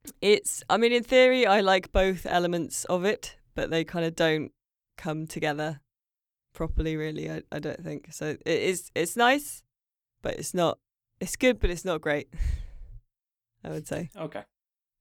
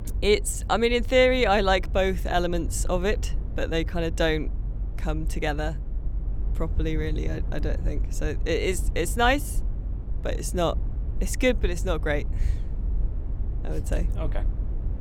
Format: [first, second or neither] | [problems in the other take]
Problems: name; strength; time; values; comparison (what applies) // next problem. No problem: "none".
first | low rumble; faint; throughout; 20 dB below the speech